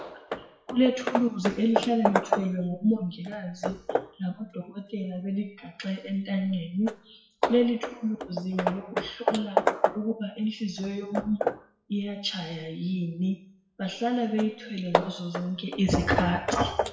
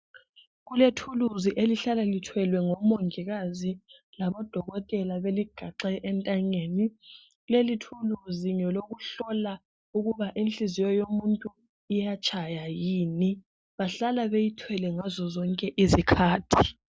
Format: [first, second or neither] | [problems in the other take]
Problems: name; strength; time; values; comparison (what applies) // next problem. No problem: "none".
second | noise reduction (classical method WPE with log-MMSE)